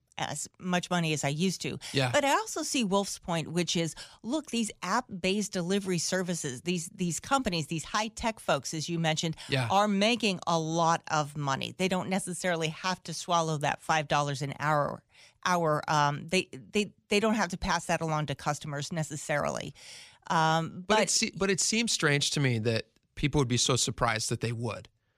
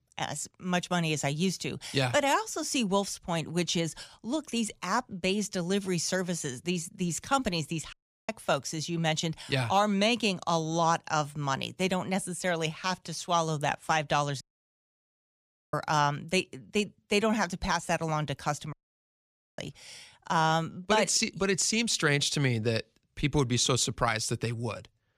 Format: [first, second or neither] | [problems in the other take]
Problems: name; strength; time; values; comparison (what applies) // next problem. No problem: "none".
first | audio cutting out; at 8 s, at 14 s for 1.5 s and at 19 s for 1 s